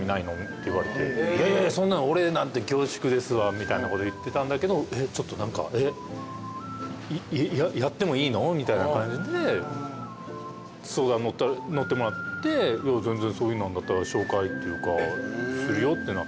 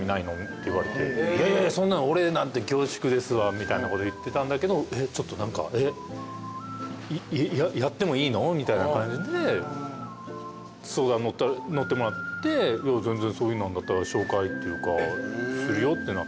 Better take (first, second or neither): second